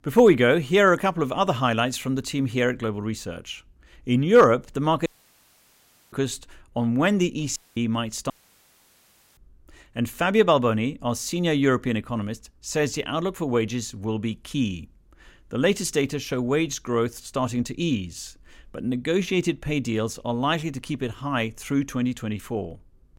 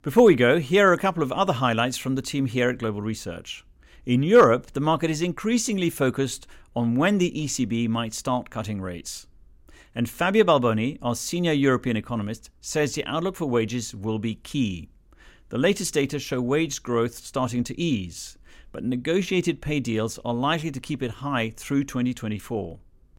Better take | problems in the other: second | audio cutting out; at 5 s for 1 s, at 7.5 s and at 8.5 s for 1 s

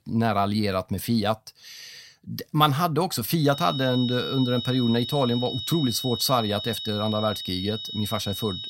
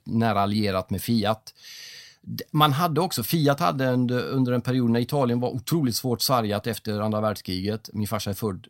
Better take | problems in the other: second | high-pitched whine; loud; from 3.5 s on; 4 kHz, 6 dB below the speech

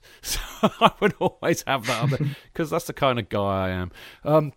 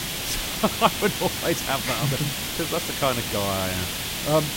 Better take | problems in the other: first | hiss; loud; throughout; 1 dB below the speech

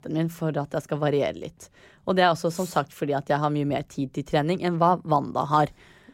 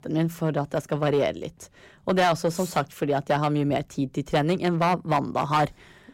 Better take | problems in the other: first | distortion; slight; 4% of the sound clipped

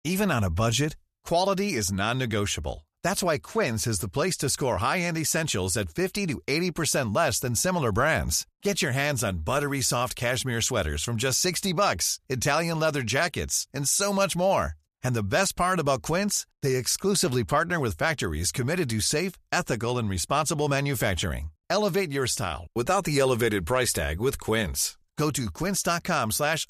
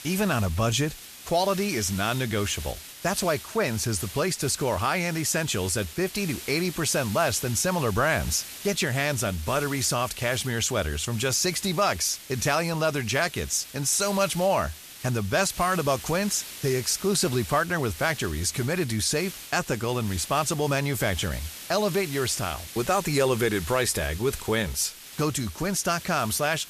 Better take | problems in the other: first | hiss; noticeable; throughout; 15 dB below the speech

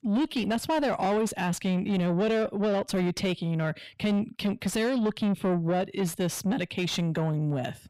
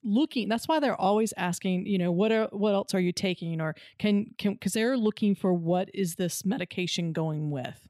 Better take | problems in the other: second | distortion; slight; 10 dB below the speech

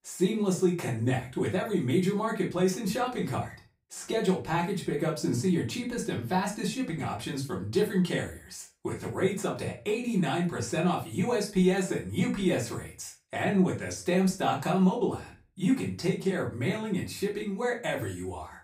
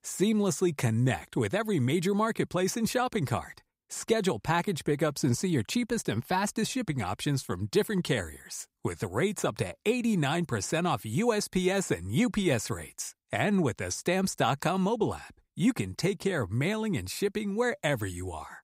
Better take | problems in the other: second | off-mic speech; far // room echo; slight; dies away in 0.3 s

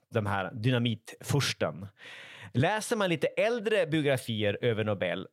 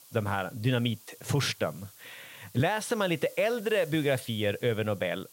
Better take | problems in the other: first | hiss; faint; throughout; 20 dB below the speech

